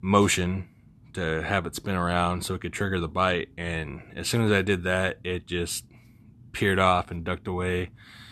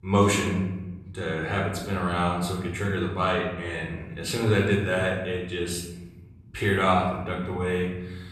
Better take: first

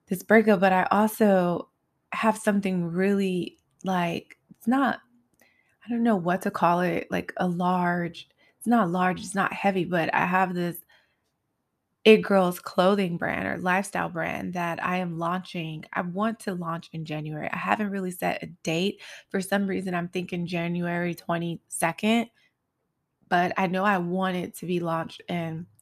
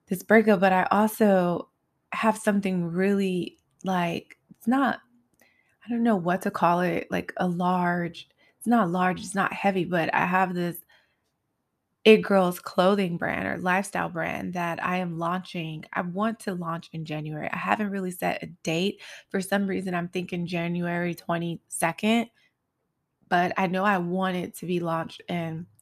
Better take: neither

